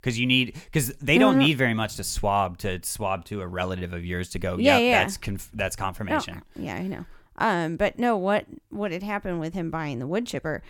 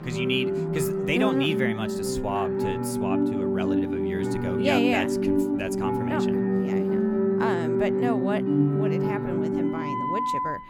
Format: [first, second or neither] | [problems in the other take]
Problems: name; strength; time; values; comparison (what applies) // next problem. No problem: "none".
first | background music; very loud; throughout; 5 dB above the speech